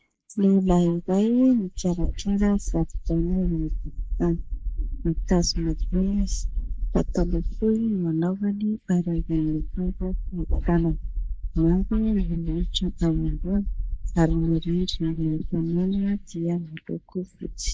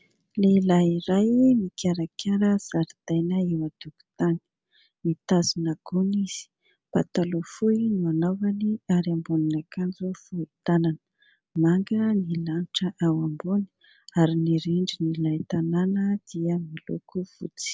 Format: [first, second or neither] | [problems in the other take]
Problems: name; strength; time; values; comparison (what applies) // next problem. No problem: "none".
second | noise reduction (neural mask model Resemble Enhance denoiser)